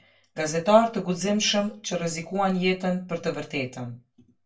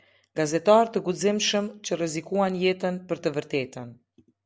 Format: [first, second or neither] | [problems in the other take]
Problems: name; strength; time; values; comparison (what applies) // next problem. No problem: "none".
second | room echo; dies away in 0.2 s